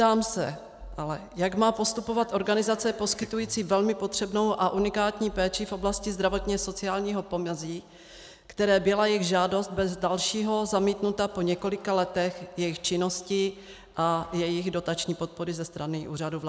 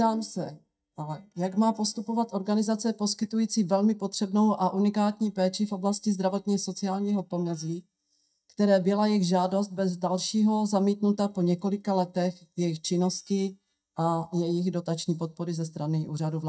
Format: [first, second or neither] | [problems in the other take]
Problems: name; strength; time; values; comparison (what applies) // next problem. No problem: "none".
first | noise reduction (neural mask model DeepFilterNet 3)